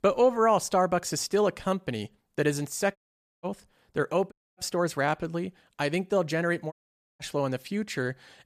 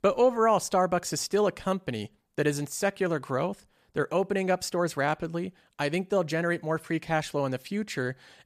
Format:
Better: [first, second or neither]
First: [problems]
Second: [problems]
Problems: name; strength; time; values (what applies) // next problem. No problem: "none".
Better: second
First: audio cutting out; at 3 s, at 4.5 s and at 6.5 s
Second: none